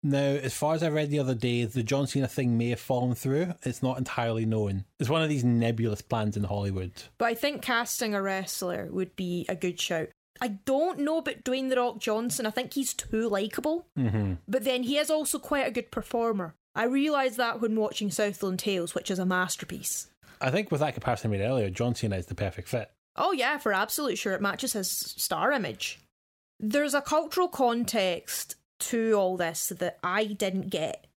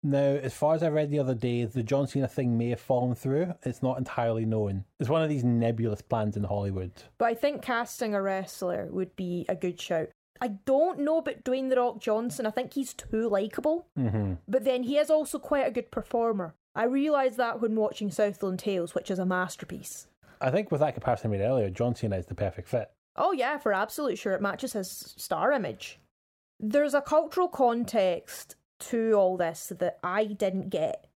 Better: first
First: none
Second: muffled; slightly; fading above 2 kHz

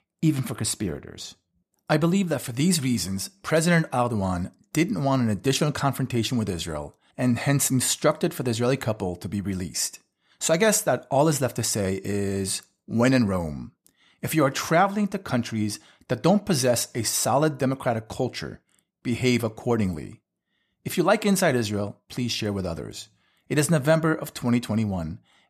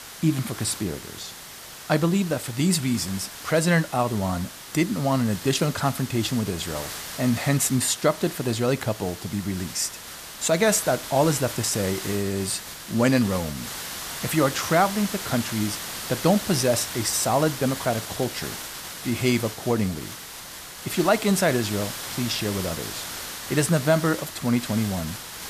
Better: first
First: none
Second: hiss; loud; throughout; 9 dB below the speech

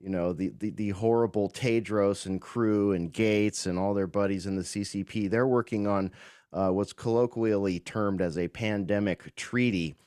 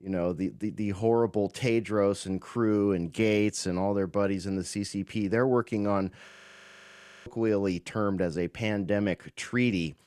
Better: first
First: none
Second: audio freezing; at 6.5 s for 1 s

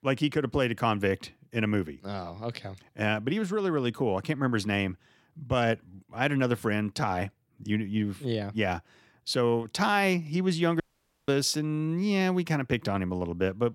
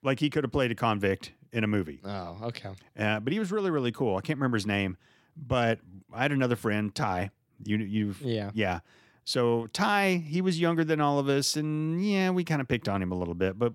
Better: second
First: audio cutting out; at 11 s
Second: none

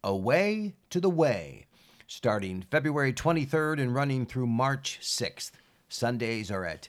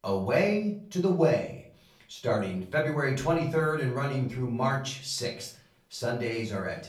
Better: first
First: none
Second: off-mic speech; far // room echo; slight; dies away in 0.4 s

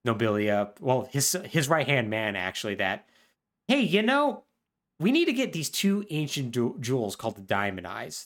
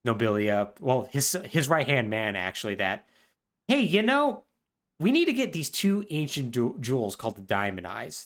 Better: first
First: none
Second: garbled, watery; slightly; nothing above 17 kHz

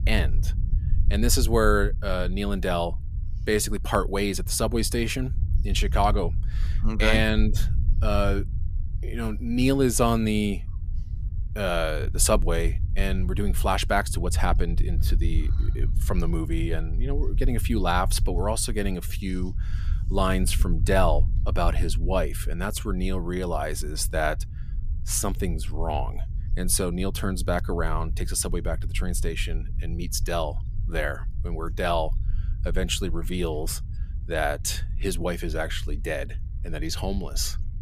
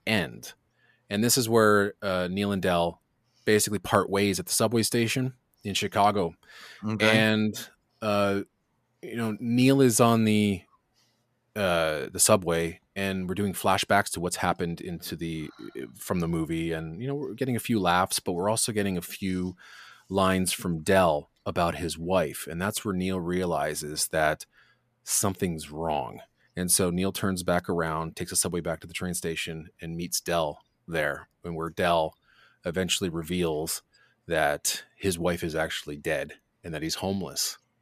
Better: second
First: low rumble; faint; throughout; 20 dB below the speech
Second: none

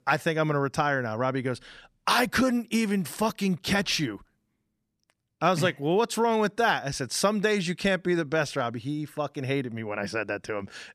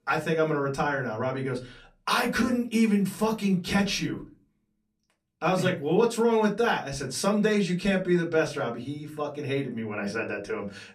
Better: first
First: none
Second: off-mic speech; far // room echo; very slight; dies away in 0.2 s

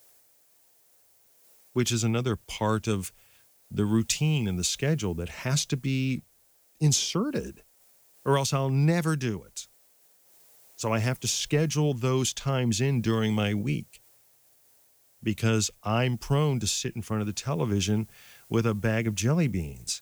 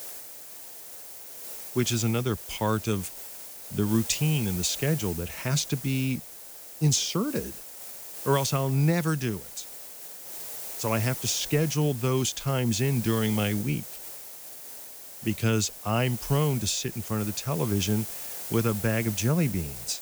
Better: first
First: hiss; faint; throughout; 30 dB below the speech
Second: hiss; loud; throughout; 9 dB below the speech

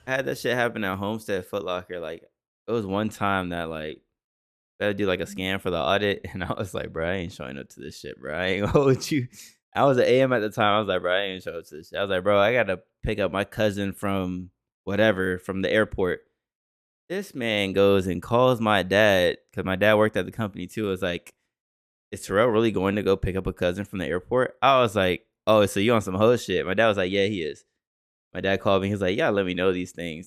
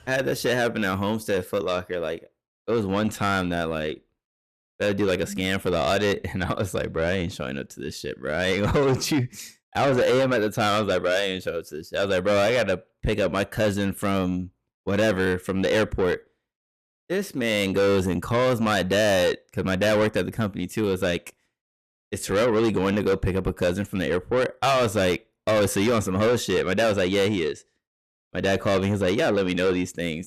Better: first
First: none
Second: distortion; heavy; 7 dB below the speech

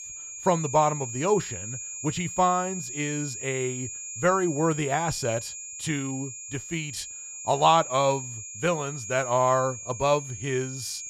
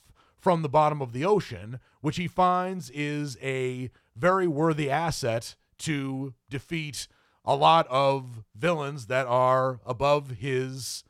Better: second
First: high-pitched whine; loud; throughout; 7 kHz, 8 dB below the speech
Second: none

